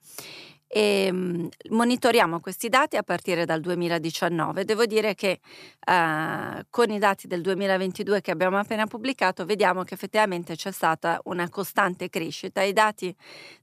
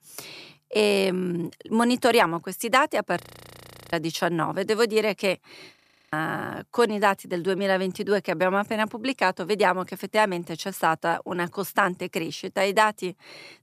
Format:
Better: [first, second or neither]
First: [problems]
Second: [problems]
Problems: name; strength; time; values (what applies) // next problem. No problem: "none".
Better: first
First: none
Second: audio freezing; at 3 s for 0.5 s and at 6 s